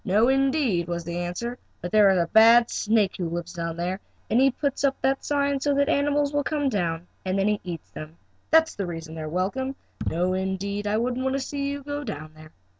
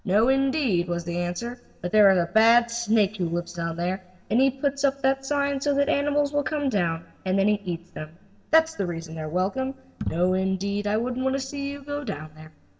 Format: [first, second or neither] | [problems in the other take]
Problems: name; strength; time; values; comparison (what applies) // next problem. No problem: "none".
first | room echo; dies away in 0.7 s